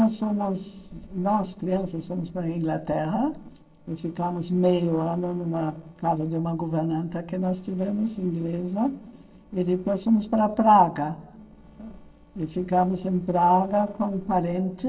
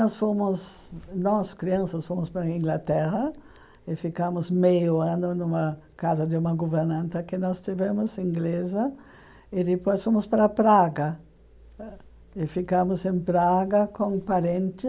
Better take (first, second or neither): second